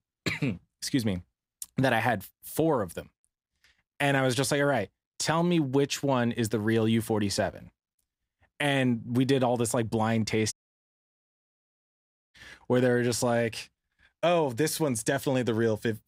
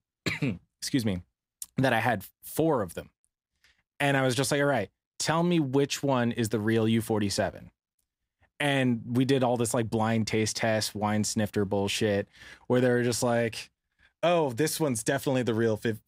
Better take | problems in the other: second | audio cutting out; at 11 s for 2 s

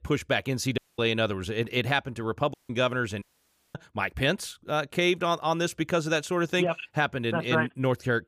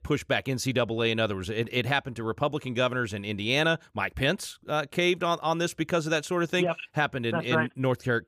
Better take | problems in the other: second | audio cutting out; at 1 s, at 2.5 s and at 3 s for 0.5 s

